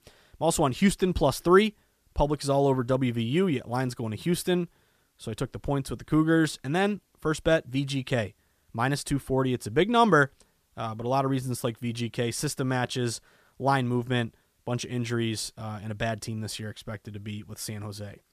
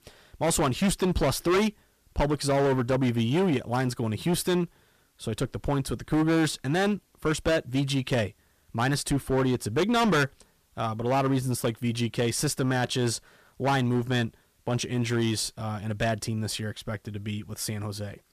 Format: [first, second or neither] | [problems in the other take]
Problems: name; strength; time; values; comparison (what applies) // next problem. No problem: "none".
first | distortion; heavy; 10% of the sound clipped